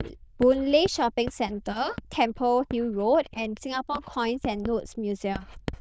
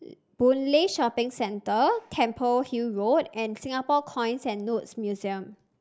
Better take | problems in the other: second | noise reduction (neural diffusion model UNIVERSE++)

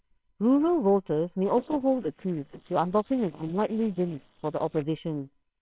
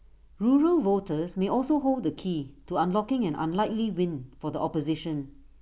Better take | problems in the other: second | noise reduction (neural separator model SepFormer WHAMR!)

